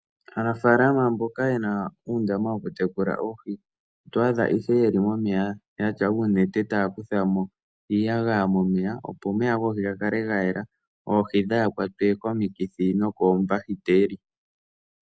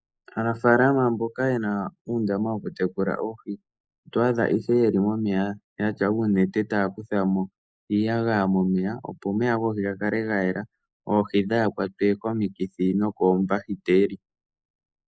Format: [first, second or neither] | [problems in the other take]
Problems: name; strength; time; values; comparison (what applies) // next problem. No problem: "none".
first | noise reduction (neural mask model Resemble Enhance denoiser)